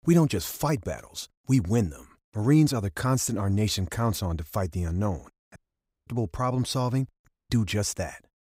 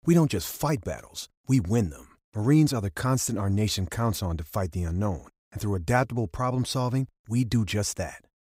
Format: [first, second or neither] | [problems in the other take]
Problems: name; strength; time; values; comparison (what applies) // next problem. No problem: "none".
second | audio cutting out; at 5.5 s for 0.5 s and at 7.5 s